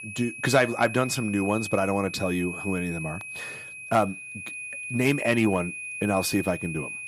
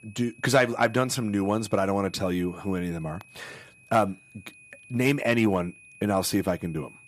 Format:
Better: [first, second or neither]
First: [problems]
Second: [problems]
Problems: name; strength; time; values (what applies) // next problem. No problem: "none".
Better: second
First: high-pitched whine; loud; throughout; 2.5 kHz, 8 dB below the speech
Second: high-pitched whine; faint; throughout; 2.5 kHz, 25 dB below the speech